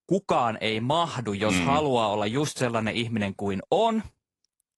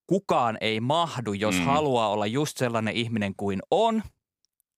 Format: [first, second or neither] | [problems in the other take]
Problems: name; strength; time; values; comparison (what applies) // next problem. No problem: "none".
second | garbled, watery; slightly; nothing above 11.5 kHz